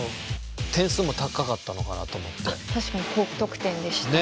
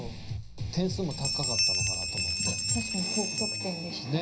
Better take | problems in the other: first | background sound (Bell); 2 dB above the speech // room echo; dies away in 0.4 s

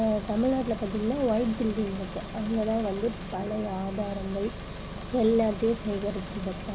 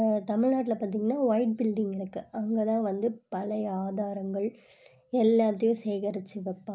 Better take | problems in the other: second | background sound (Engine); 9 dB below the speech

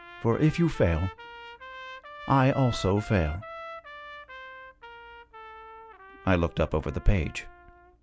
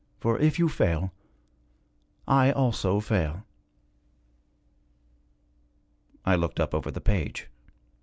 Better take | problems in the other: second | background sound (Trumpet); 16 dB below the speech

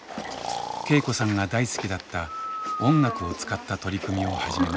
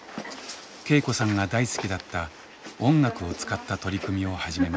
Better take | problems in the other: second | background sound (Breathing); 8 dB below the speech

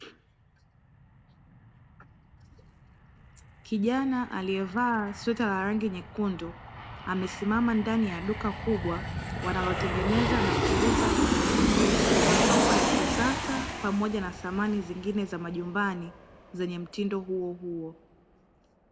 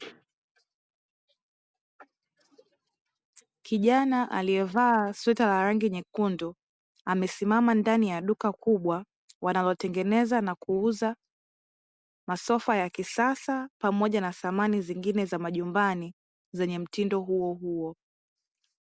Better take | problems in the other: second | background sound (Aircraft); 1 dB above the speech // room echo; dies away in 0.5 s

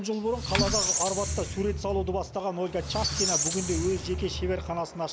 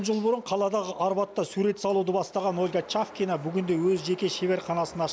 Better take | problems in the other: second | background sound (Squeak + Typing); 1 dB below the speech

